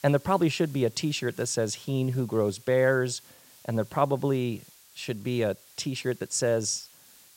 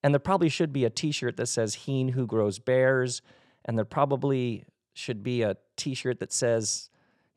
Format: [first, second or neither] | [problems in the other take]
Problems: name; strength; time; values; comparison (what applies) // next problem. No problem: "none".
second | hiss; faint; throughout; 25 dB below the speech